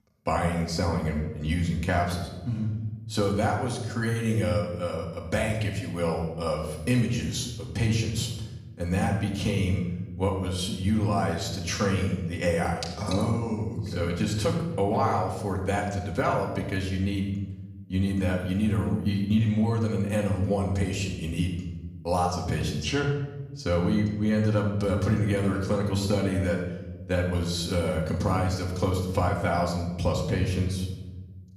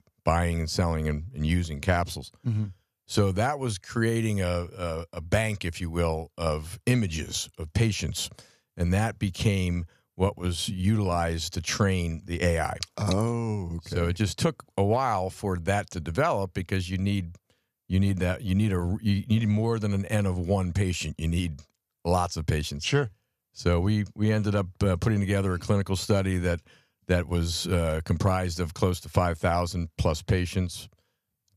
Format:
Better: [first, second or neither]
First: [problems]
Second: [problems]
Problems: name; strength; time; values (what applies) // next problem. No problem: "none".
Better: second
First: room echo; noticeable; dies away in 0.9 s // off-mic speech; far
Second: none